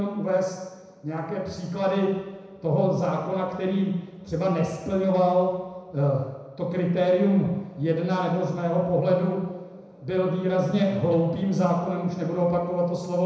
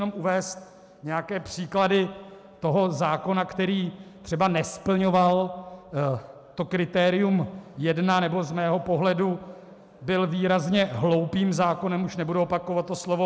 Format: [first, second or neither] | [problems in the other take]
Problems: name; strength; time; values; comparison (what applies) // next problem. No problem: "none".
second | room echo; dies away in 1 s